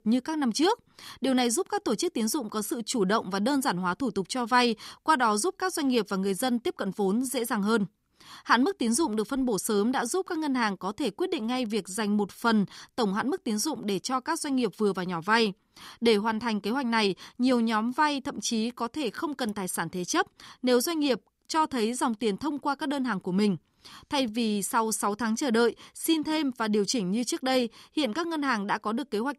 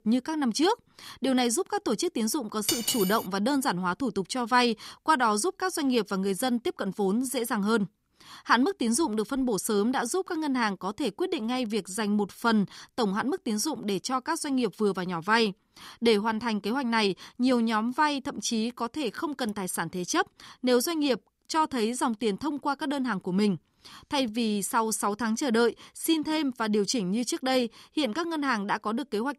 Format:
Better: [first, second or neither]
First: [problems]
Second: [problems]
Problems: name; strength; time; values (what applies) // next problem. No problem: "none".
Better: first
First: none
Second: clattering dishes; loud; at 2.5 s; peak level with the speech